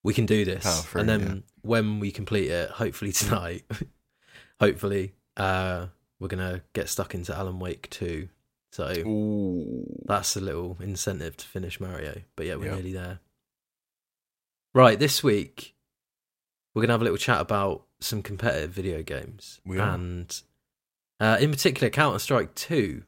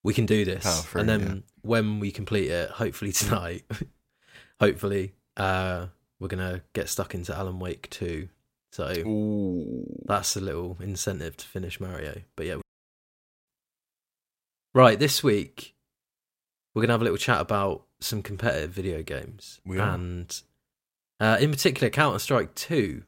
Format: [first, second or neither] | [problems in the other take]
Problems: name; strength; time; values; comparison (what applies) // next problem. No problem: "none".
first | audio cutting out; at 13 s for 1 s